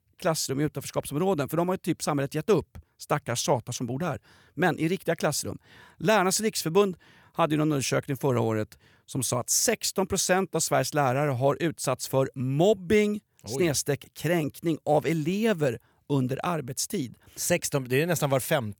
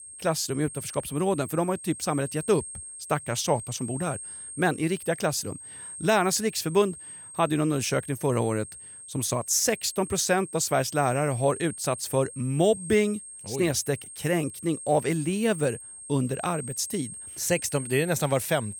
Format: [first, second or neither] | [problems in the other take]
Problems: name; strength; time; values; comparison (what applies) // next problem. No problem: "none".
first | high-pitched whine; noticeable; throughout; 8.5 kHz, 10 dB below the speech